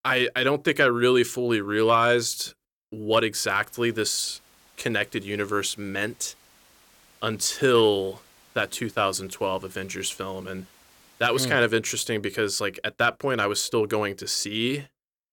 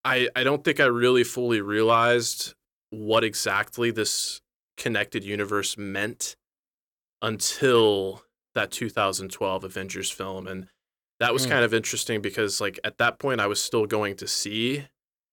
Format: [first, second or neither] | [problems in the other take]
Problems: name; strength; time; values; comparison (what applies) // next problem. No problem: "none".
second | hiss; faint; from 3.5 to 11 s; 30 dB below the speech